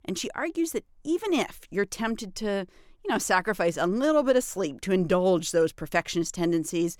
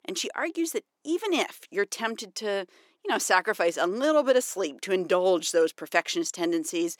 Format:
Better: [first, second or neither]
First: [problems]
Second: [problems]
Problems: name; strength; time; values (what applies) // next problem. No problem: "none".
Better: first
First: none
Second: thin; somewhat; fading below 300 Hz